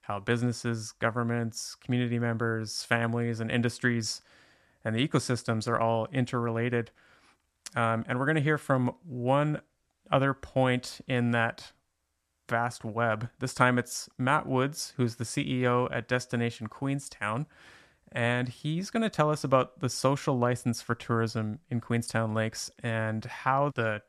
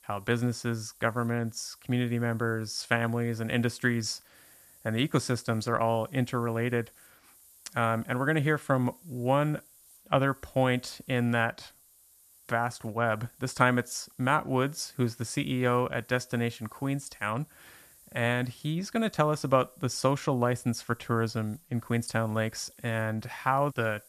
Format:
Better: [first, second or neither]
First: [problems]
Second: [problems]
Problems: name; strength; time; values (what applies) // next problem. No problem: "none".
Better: first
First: none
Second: hiss; faint; throughout; 25 dB below the speech